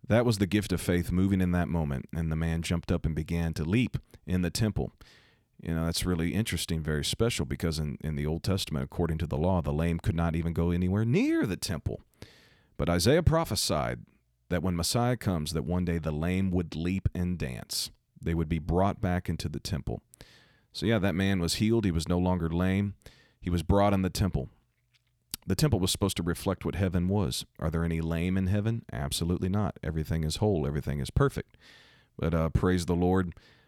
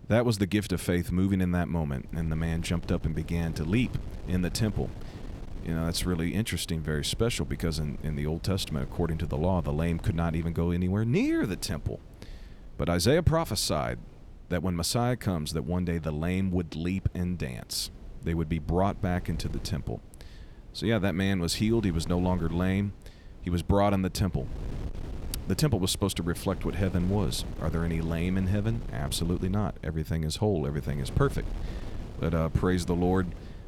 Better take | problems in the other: first | wind noise on the microphone; occasional gusts; 20 dB below the speech

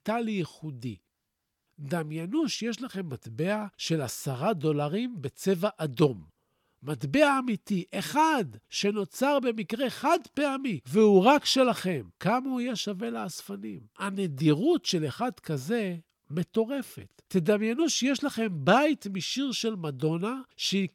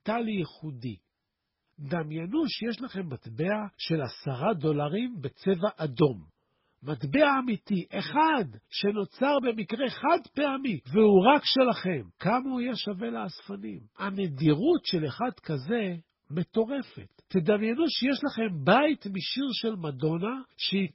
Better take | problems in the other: first | garbled, watery; badly; nothing above 5.5 kHz

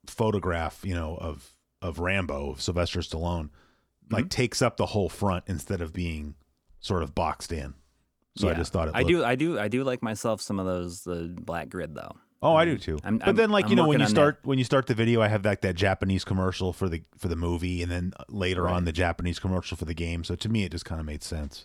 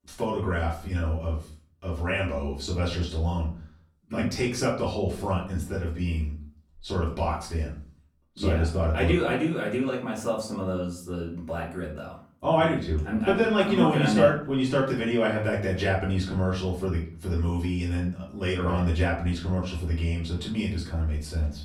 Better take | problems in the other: first | off-mic speech; far // room echo; slight; dies away in 0.4 s

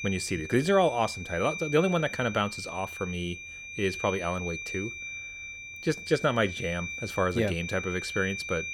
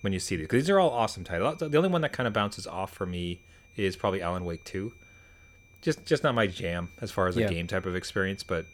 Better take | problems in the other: second | high-pitched whine; loud; throughout; 2.5 kHz, 8 dB below the speech; faint in the second

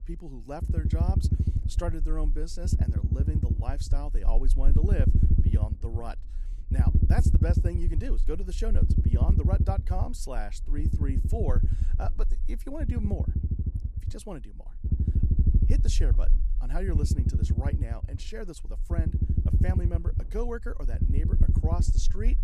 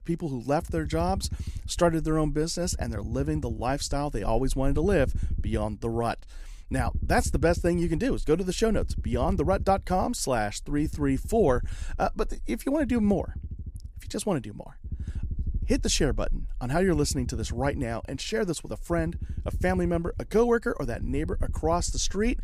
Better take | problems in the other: second | low rumble; loud; throughout; 2 dB below the speech; faint in the second

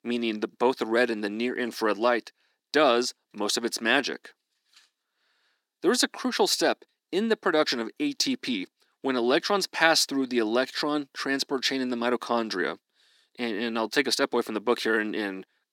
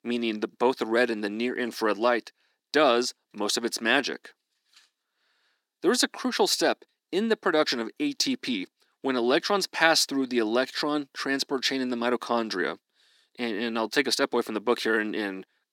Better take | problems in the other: neither | thin; somewhat; fading below 300 Hz; the same in both

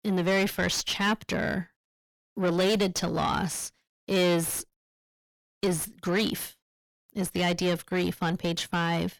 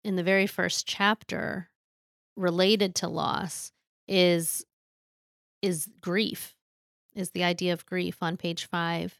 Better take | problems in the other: second | distortion; heavy; 5 dB below the speech

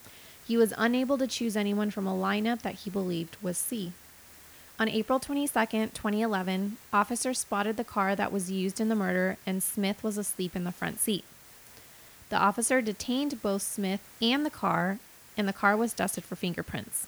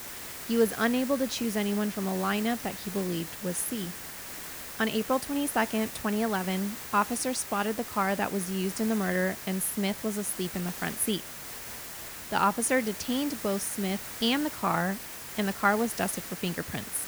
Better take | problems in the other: first | hiss; loud; throughout; 8 dB below the speech; faint in the first

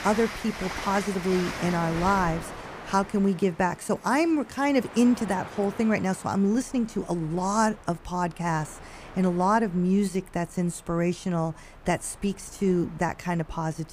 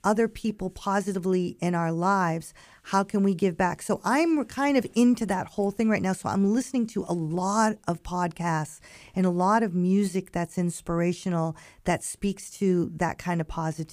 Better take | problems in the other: second | train or aircraft noise; noticeable; throughout; 15 dB below the speech

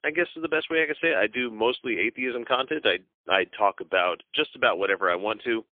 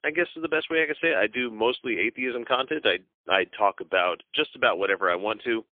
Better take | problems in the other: neither | phone-call audio; poor line; nothing above 3.5 kHz; the same in both

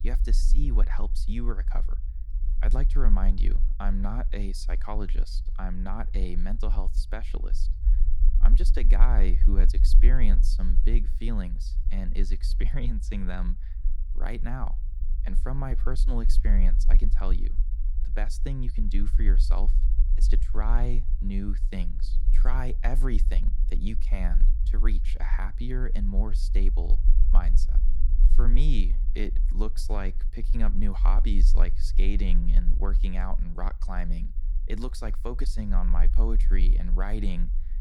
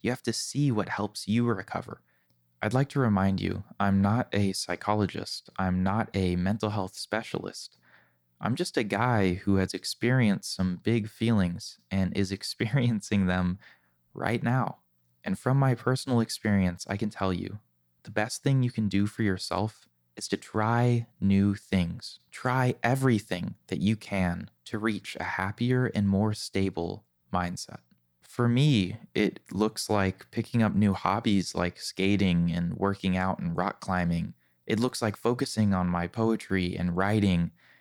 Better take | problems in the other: second | low rumble; noticeable; throughout; 15 dB below the speech

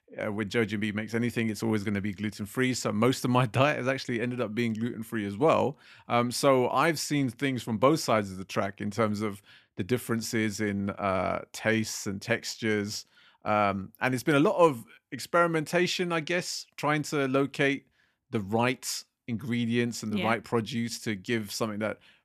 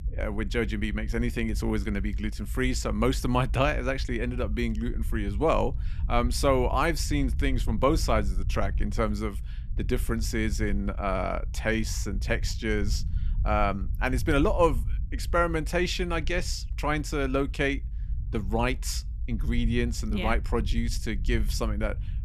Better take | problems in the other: first | low rumble; faint; throughout; 25 dB below the speech

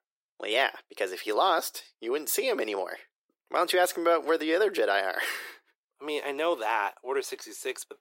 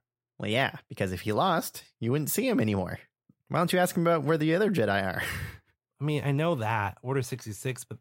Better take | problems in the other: second | thin; very; fading below 350 Hz

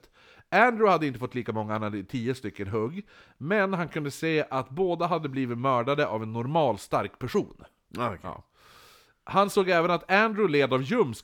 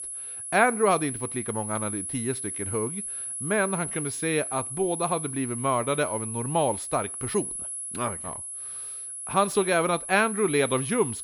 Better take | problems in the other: first | high-pitched whine; loud; throughout; 10.5 kHz, 5 dB below the speech

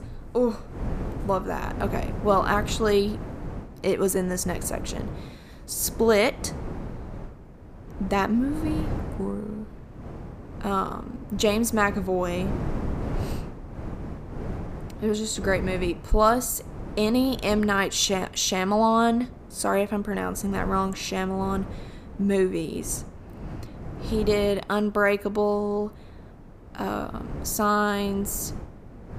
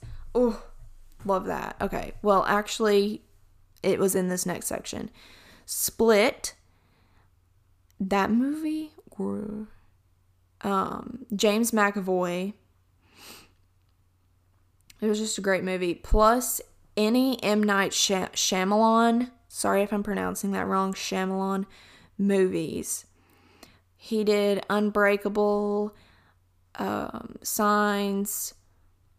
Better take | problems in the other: second | wind noise on the microphone; occasional gusts; 15 dB below the speech

